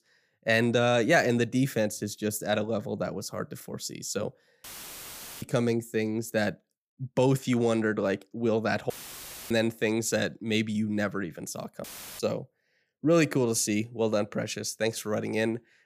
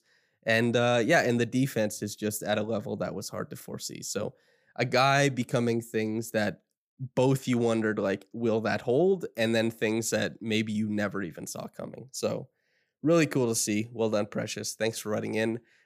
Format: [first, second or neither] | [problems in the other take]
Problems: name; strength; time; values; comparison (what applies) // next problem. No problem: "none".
second | audio cutting out; filled with static; at 4.5 s for 1 s, at 9 s for 0.5 s and at 12 s